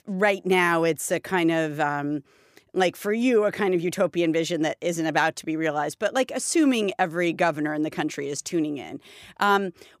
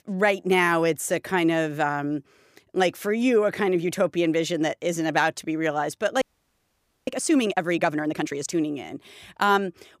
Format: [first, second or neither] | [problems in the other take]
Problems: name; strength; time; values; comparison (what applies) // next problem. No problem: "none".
first | audio freezing; at 6 s for 1 s